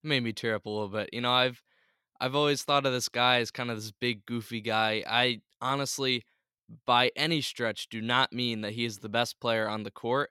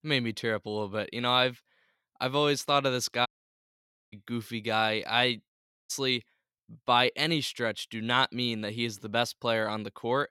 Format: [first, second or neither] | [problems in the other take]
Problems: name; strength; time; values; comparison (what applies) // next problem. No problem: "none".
first | audio cutting out; at 3.5 s for 1 s and at 5.5 s